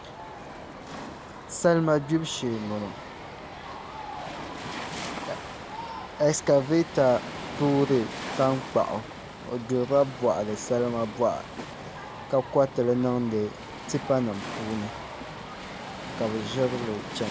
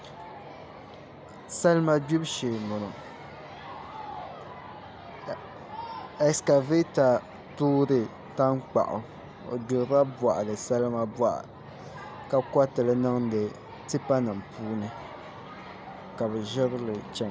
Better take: second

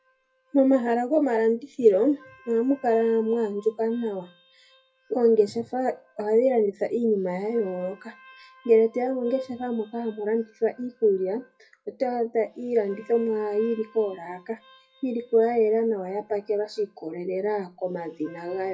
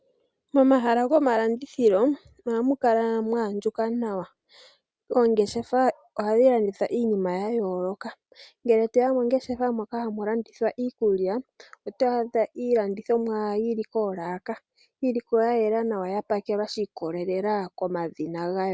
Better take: second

